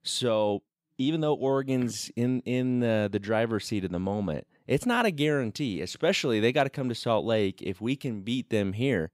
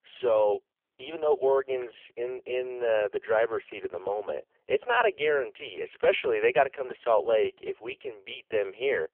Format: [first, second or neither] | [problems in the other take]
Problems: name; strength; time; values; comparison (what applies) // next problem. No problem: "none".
first | phone-call audio; poor line; nothing above 3 kHz